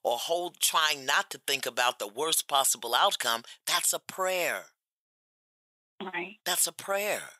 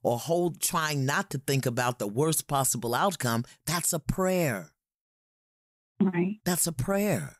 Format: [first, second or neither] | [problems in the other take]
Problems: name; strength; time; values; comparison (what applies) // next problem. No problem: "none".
second | thin; very; fading below 700 Hz